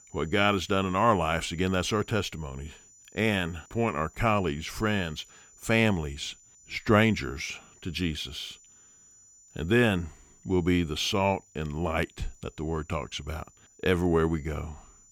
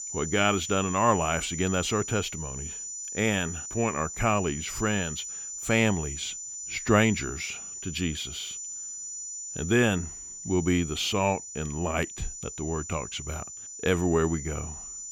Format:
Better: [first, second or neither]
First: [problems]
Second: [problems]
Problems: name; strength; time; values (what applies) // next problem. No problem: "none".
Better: first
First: high-pitched whine; faint; throughout; 7 kHz, 25 dB below the speech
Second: high-pitched whine; loud; throughout; 7 kHz, 8 dB below the speech